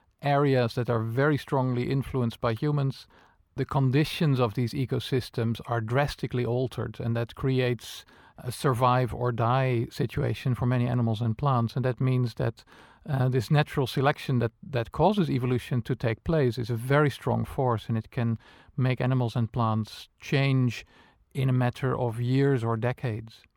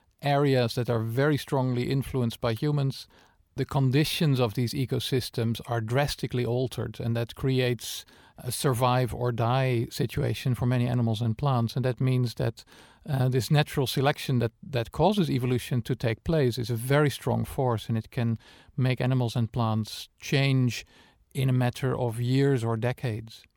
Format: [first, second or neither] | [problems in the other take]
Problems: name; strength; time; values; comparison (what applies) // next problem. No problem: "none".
second | muffled; very slightly; fading above 3.5 kHz